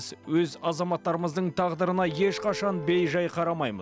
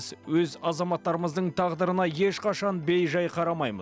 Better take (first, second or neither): second